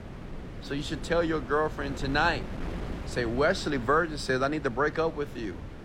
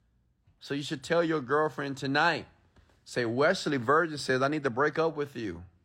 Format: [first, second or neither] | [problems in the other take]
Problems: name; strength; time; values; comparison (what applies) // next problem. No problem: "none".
second | wind noise on the microphone; occasional gusts; 15 dB below the speech